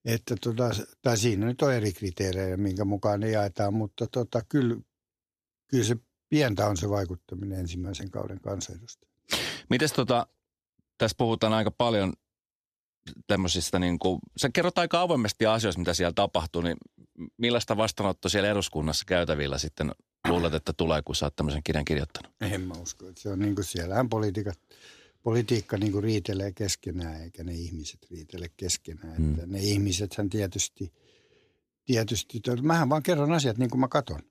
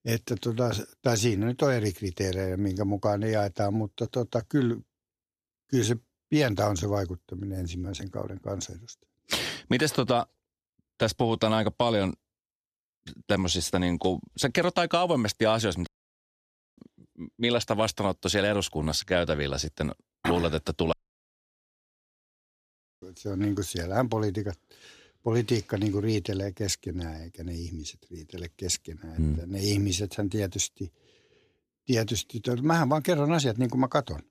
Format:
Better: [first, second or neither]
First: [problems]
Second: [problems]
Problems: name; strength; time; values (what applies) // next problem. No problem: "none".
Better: first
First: none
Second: audio cutting out; at 16 s for 1 s and at 21 s for 2 s